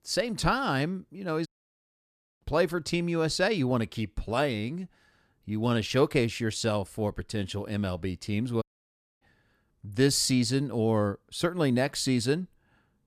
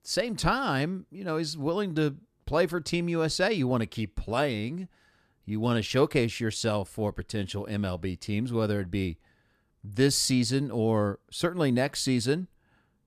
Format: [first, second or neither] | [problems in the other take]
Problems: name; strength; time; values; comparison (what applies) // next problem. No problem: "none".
second | audio cutting out; at 1.5 s for 1 s and at 8.5 s for 0.5 s